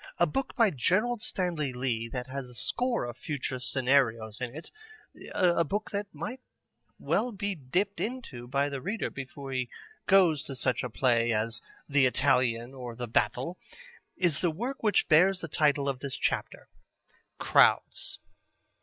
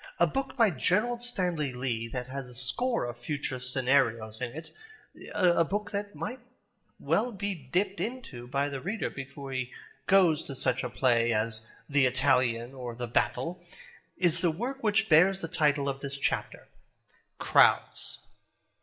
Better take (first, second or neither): first